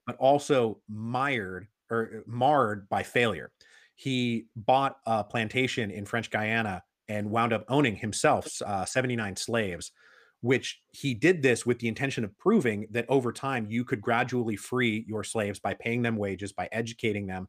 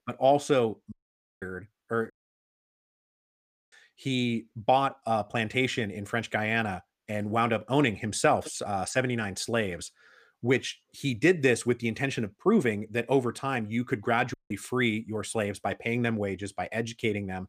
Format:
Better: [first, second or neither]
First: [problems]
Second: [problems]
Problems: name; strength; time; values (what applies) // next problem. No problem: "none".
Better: first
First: none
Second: audio cutting out; at 1 s, at 2 s for 1.5 s and at 14 s